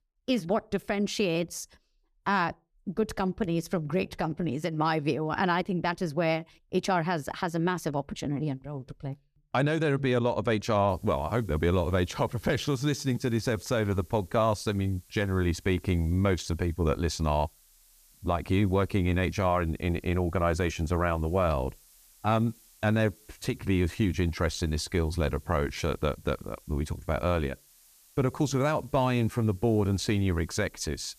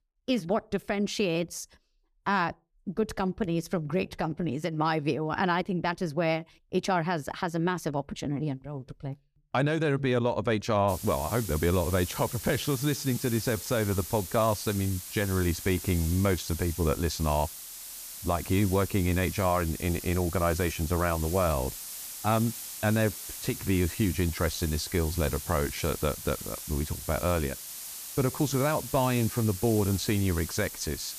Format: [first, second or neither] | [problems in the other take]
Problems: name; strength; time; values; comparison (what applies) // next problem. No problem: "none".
first | hiss; loud; from 11 s on; 9 dB below the speech; faint in the first